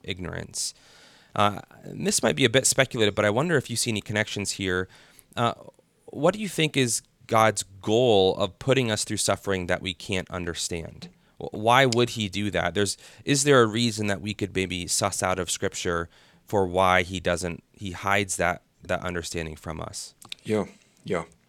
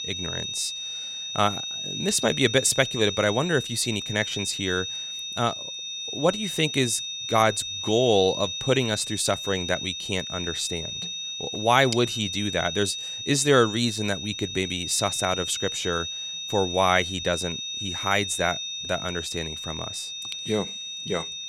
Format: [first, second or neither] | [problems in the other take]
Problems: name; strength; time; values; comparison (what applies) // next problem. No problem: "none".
first | high-pitched whine; loud; throughout; 3.5 kHz, 5 dB below the speech